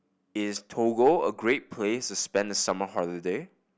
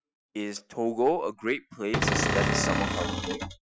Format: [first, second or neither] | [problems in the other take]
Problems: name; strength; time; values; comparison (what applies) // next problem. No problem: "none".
first | noise reduction (classical method Wiener filter)